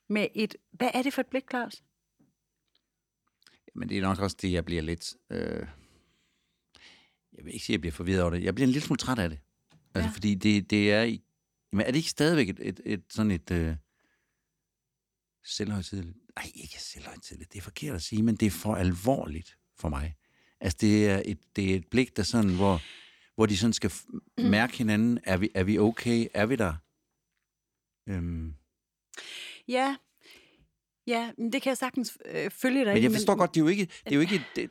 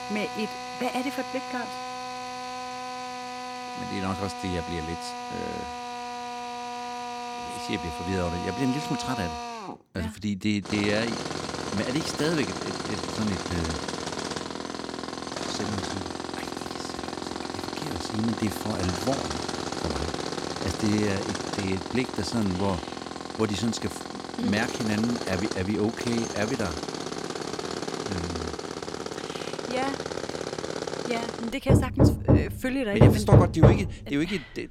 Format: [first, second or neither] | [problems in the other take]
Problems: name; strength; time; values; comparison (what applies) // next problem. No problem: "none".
first | machinery noise; very loud; throughout; as loud as the speech